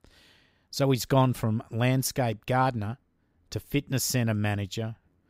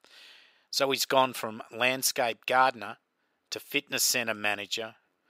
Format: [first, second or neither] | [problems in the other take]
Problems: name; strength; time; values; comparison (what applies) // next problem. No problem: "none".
first | thin; very; fading below 500 Hz